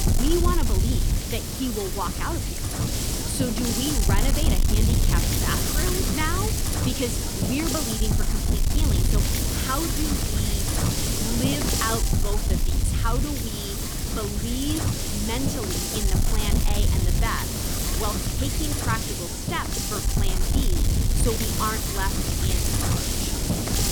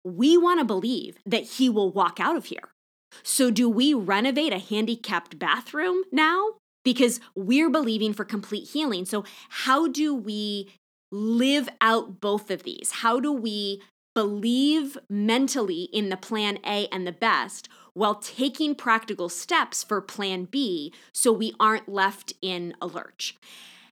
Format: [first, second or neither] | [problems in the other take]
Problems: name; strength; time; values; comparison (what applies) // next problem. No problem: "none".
second | wind noise on the microphone; heavy; 2 dB above the speech